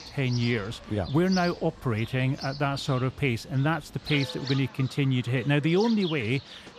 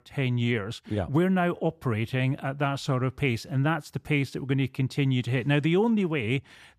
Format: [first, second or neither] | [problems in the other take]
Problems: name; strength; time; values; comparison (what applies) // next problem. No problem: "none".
second | animal sounds; noticeable; throughout; 15 dB below the speech